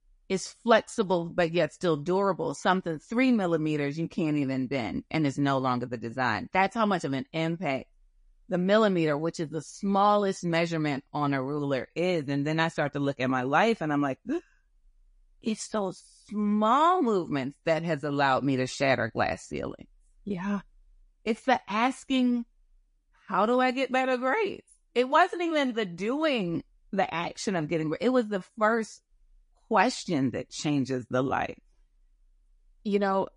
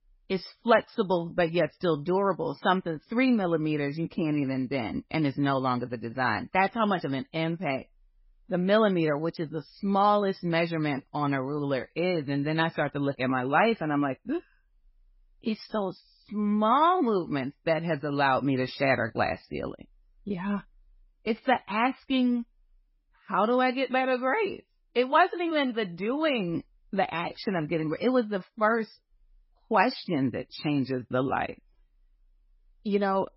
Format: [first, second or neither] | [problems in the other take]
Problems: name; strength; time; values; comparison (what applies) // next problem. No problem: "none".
first | garbled, watery; badly; nothing above 5.5 kHz; slightly in the first